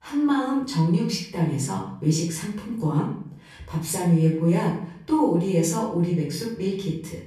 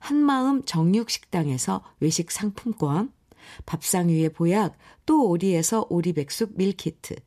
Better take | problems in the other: second | off-mic speech; far // room echo; noticeable; dies away in 0.6 s

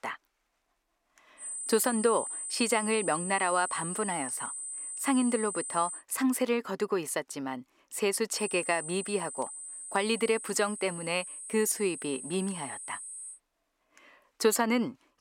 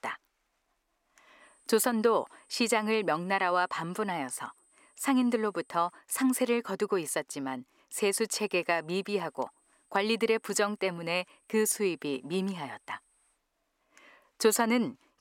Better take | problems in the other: second | high-pitched whine; loud; from 1.5 to 6 s and from 8.5 to 13 s; 8 kHz, 7 dB below the speech; faint in the second

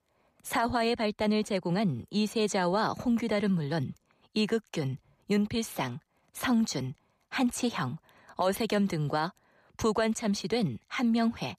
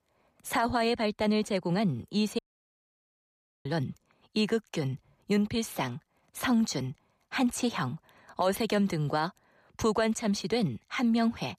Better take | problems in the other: first | audio cutting out; at 2.5 s for 1.5 s

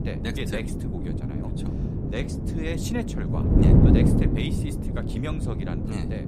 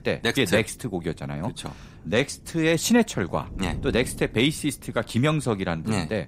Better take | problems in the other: second | wind noise on the microphone; heavy; 4 dB above the speech; occasional gusts in the second

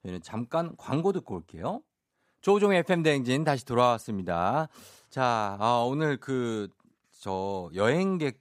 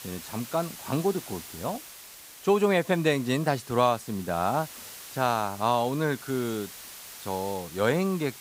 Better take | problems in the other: first | hiss; noticeable; throughout; 15 dB below the speech

